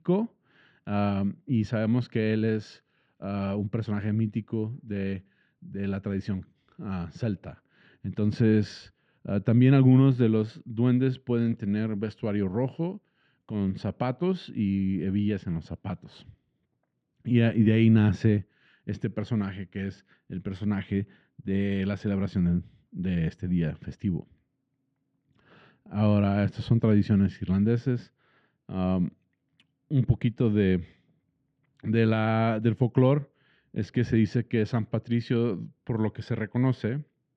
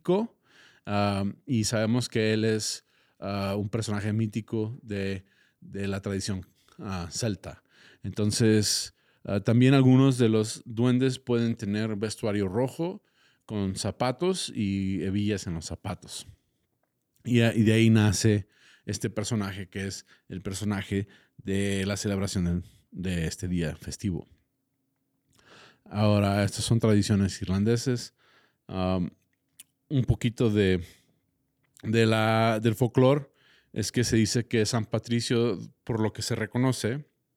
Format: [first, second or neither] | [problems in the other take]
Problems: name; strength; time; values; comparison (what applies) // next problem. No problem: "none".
second | muffled; slightly; fading above 3 kHz